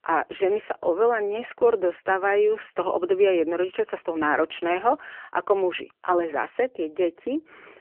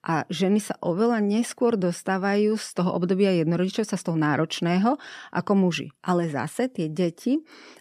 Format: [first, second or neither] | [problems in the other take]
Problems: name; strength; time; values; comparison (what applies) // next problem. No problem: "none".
second | phone-call audio; poor line; nothing above 3 kHz